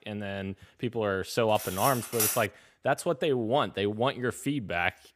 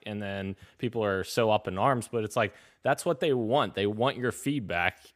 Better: second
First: clattering dishes; loud; at 1.5 s; peak 2 dB above the speech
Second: none

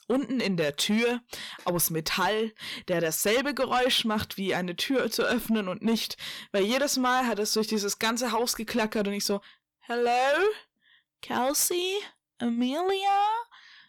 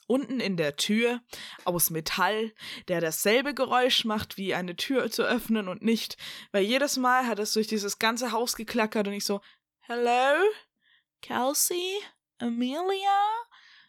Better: second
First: distortion; slight; 10 dB below the speech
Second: none

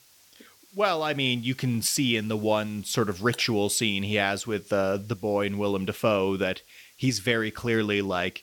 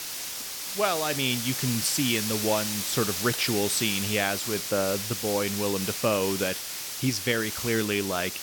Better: first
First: hiss; faint; throughout; 25 dB below the speech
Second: hiss; loud; throughout; 2 dB below the speech

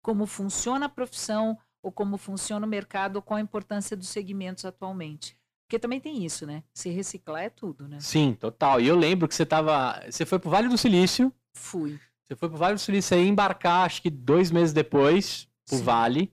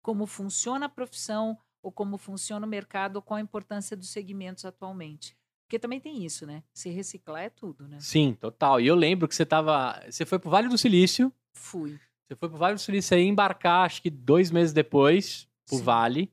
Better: second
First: distortion; slight; 10 dB below the speech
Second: none

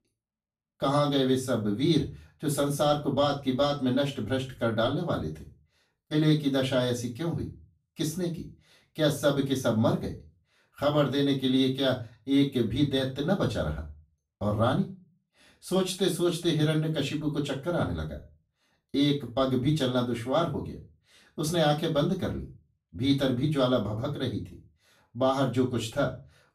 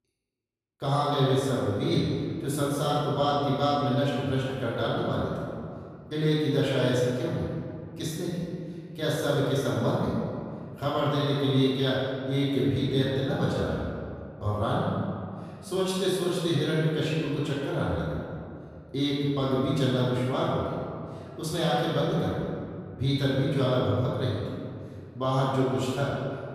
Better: first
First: room echo; slight; dies away in 0.3 s // off-mic speech; far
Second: room echo; strong; dies away in 2.1 s // off-mic speech; far

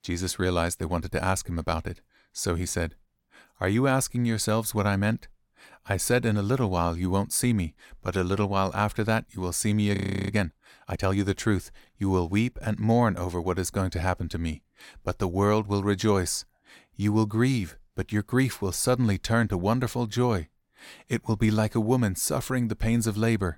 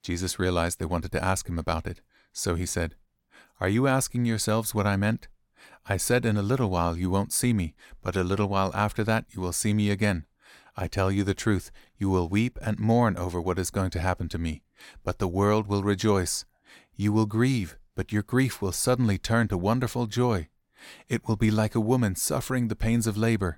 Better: second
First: audio freezing; at 10 s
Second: none

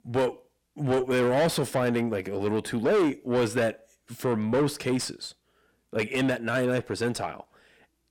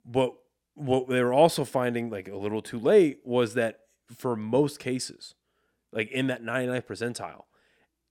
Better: second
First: distortion; heavy; 6 dB below the speech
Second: none

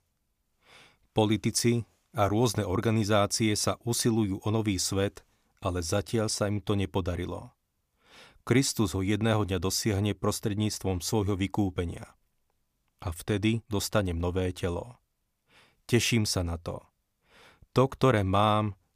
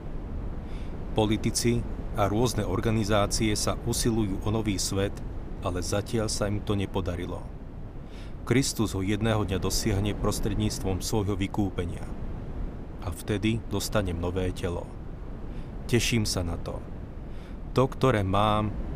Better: first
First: none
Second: wind noise on the microphone; occasional gusts; 15 dB below the speech

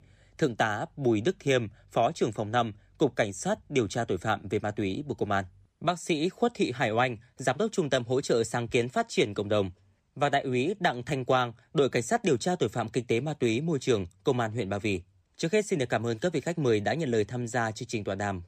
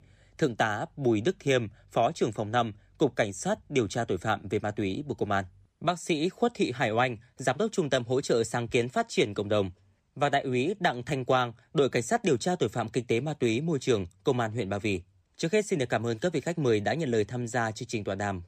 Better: neither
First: none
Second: none

